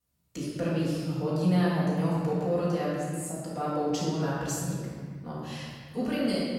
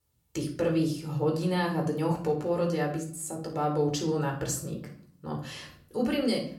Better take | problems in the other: second | room echo; strong; dies away in 1.7 s; slight in the second // off-mic speech; far; somewhat distant in the second

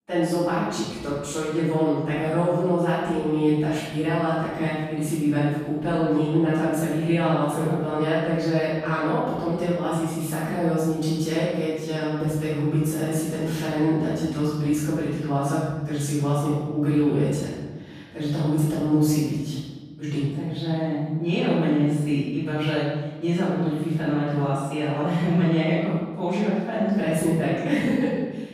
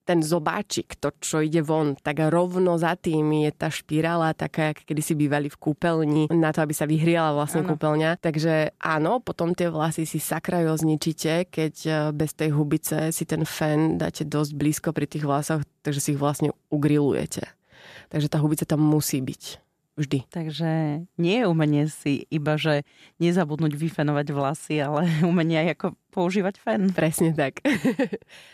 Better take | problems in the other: second | off-mic speech; far // room echo; strong; dies away in 1.3 s

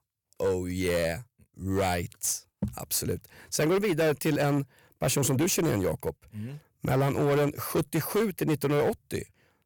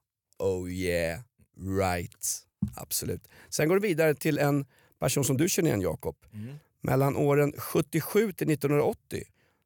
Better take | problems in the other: second | distortion; slight; 11% of the sound clipped

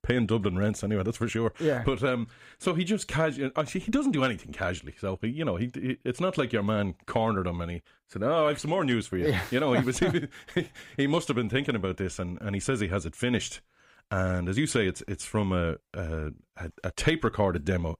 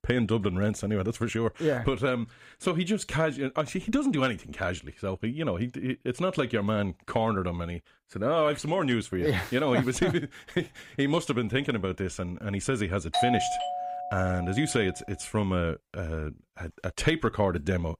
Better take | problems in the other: first | doorbell; loud; from 13 to 15 s; peak 2 dB above the speech

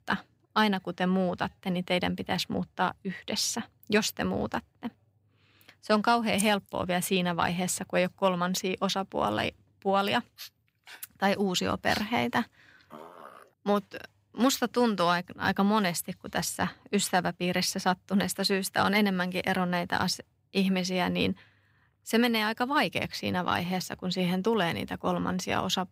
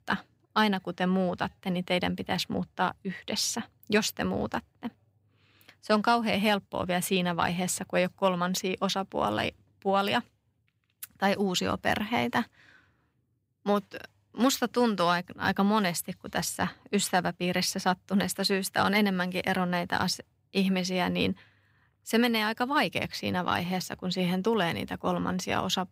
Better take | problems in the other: second | jangling keys; noticeable; at 6.5 s; peak 8 dB below the speech // dog barking; noticeable; from 10 to 13 s; peak 9 dB below the speech

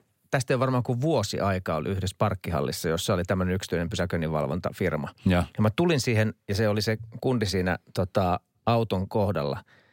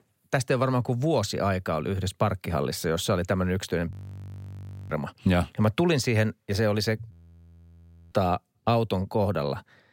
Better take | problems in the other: first | audio freezing; at 4 s for 1 s and at 7 s for 1 s

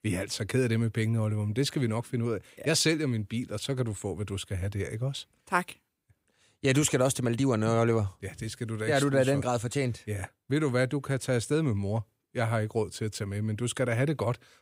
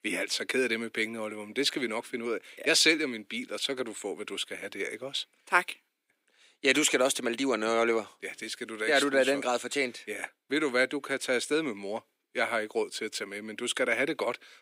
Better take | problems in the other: first | thin; somewhat; fading below 250 Hz

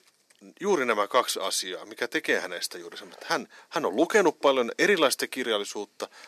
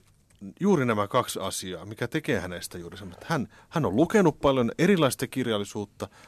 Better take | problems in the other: second | thin; somewhat; fading below 350 Hz

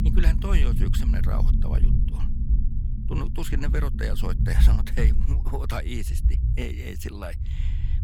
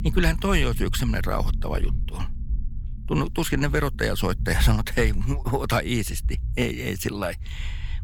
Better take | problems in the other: second | low rumble; loud; throughout; 6 dB below the speech; faint in the second

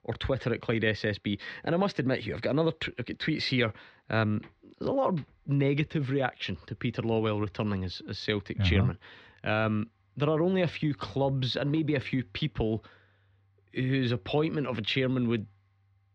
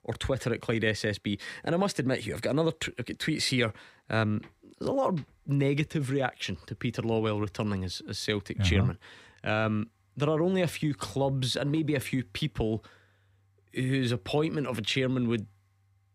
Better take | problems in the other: second | muffled; very slightly; fading above 4.5 kHz

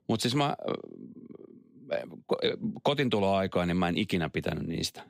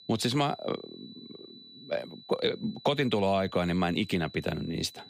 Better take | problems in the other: first | high-pitched whine; noticeable; throughout; 4 kHz, 20 dB below the speech

